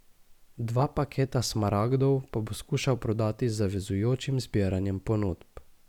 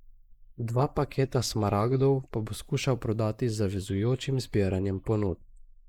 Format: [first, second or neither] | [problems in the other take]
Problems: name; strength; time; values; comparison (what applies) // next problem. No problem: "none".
first | noise reduction (neural mask model Resemble Enhance denoiser)